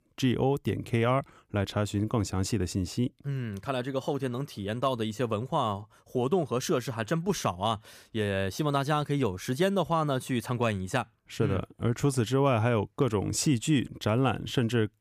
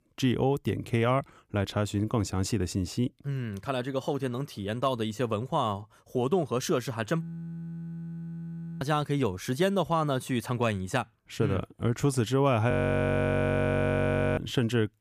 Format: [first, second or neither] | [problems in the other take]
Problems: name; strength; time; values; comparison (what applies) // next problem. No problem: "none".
first | audio freezing; at 7 s for 1.5 s and at 13 s for 1.5 s